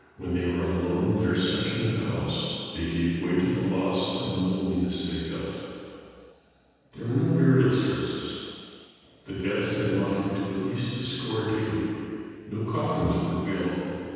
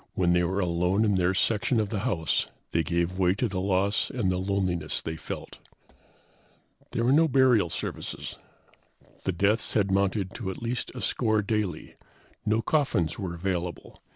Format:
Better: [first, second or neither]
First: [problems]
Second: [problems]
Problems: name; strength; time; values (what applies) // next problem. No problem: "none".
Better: second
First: room echo; dies away in 2.1 s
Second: none